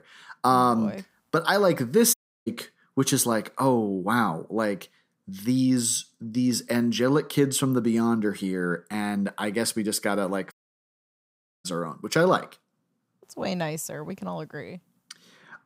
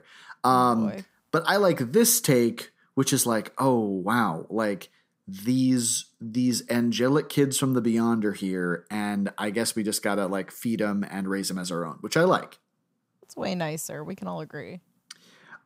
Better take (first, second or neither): second